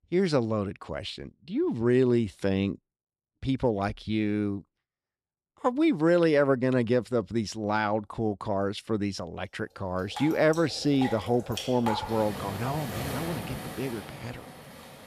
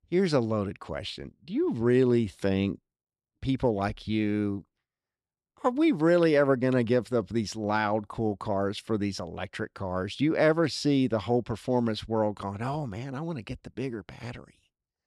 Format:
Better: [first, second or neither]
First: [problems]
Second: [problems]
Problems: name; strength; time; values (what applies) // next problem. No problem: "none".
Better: second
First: rain or running water; loud; from 10 s on; 10 dB below the speech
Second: none